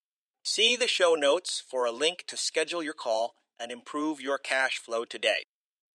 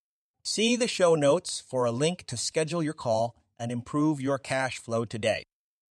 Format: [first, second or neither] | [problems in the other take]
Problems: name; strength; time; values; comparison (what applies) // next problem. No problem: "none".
second | thin; somewhat; fading below 350 Hz